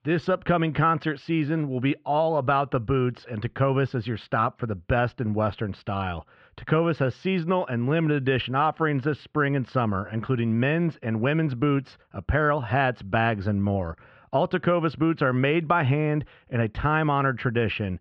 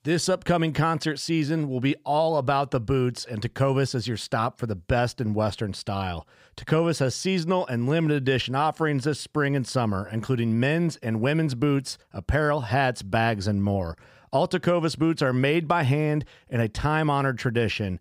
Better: second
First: muffled; very; fading above 3 kHz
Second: none

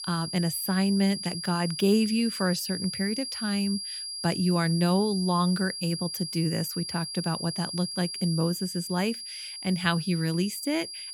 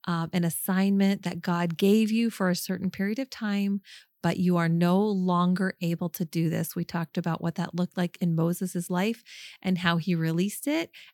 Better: second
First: high-pitched whine; loud; throughout; 5 kHz, 6 dB below the speech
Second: none

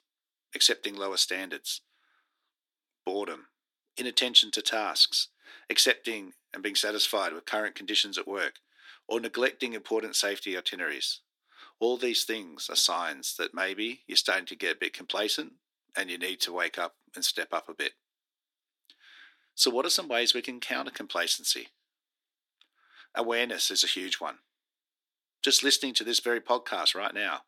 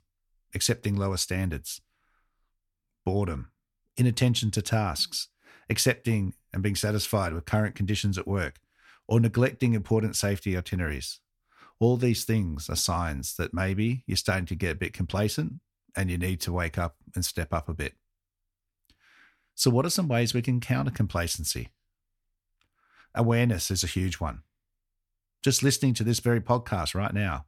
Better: second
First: thin; very; fading below 300 Hz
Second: none

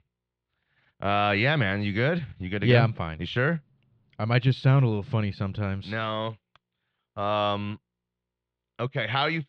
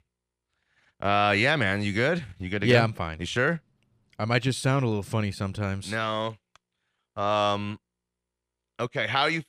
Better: second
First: muffled; very slightly; fading above 3.5 kHz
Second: none

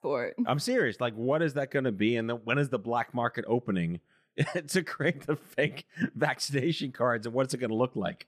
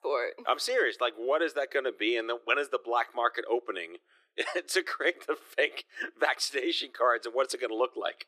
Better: first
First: none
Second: thin; very; fading below 350 Hz

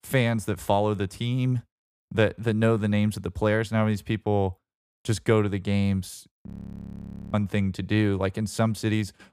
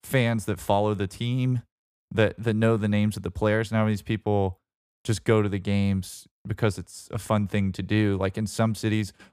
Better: second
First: audio freezing; at 6.5 s for 1 s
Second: none

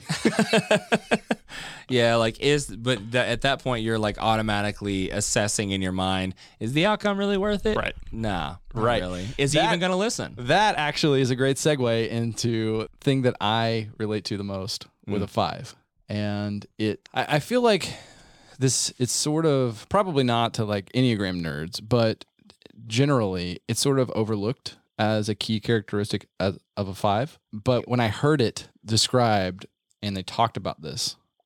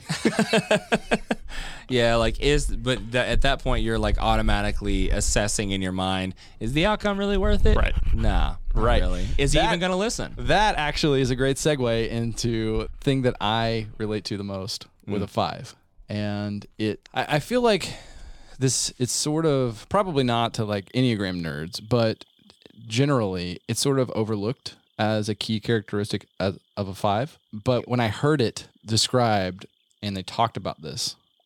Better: first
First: animal sounds; faint; throughout; 25 dB below the speech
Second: animal sounds; loud; throughout; 8 dB below the speech

